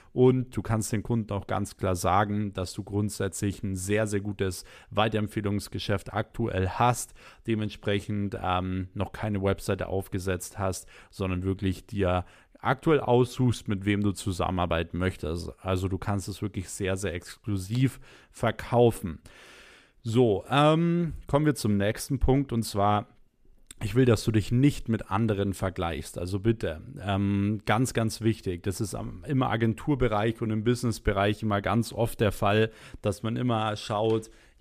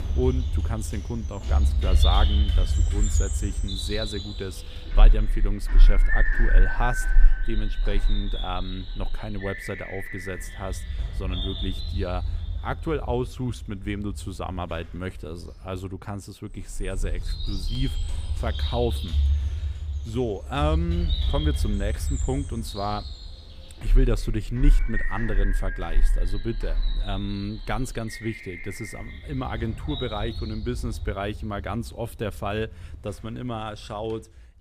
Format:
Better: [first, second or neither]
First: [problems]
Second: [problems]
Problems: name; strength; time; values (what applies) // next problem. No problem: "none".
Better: first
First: none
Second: animal sounds; very loud; throughout; 4 dB above the speech